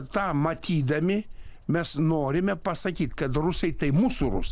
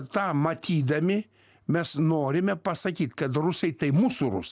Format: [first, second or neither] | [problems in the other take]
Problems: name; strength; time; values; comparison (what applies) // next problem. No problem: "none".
second | background sound (Bird vocalization, bird call, bird song); 9 dB below the speech